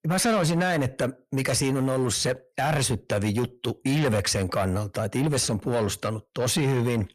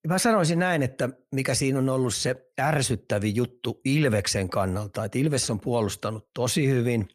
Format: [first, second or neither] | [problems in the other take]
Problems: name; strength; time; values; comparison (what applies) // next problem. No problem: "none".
second | distortion; slight; 10 dB below the speech